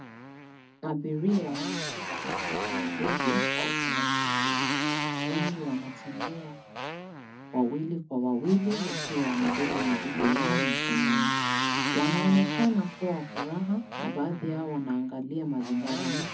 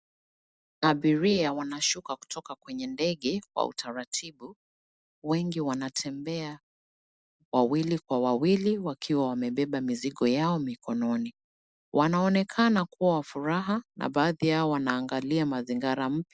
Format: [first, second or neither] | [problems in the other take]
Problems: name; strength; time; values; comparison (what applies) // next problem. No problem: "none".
second | background sound (Motorcycle); 1 dB below the speech // room echo; dies away in 0.3 s